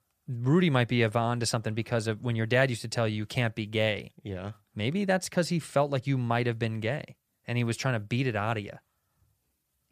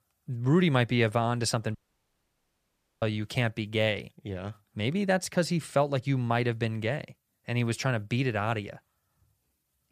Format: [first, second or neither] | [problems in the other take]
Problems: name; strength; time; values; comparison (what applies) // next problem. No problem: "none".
first | audio cutting out; at 2 s for 1.5 s